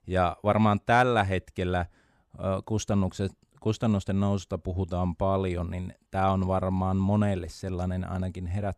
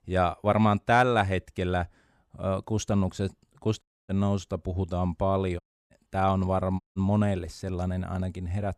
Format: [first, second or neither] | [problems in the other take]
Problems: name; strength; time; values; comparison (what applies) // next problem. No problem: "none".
first | audio cutting out; at 4 s, at 5.5 s and at 7 s